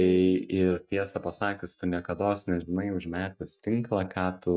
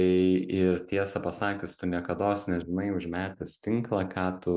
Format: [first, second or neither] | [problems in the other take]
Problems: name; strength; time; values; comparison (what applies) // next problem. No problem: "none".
second | noise reduction (neural mask model DeepFilterNet 3)